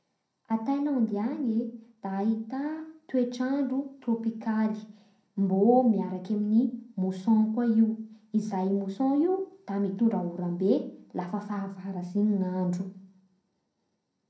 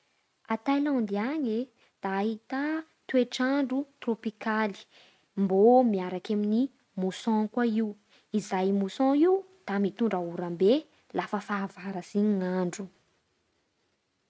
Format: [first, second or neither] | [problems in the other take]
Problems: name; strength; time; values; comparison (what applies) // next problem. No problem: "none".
second | room echo; dies away in 0.5 s